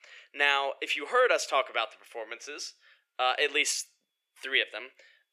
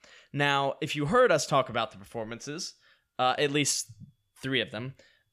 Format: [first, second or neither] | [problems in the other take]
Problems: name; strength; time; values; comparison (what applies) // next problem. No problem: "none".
second | thin; very; fading below 350 Hz